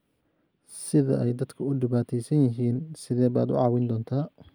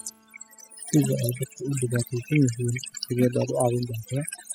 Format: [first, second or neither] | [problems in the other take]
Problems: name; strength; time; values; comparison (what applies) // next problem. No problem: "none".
first | noise reduction (classical method spectral subtraction)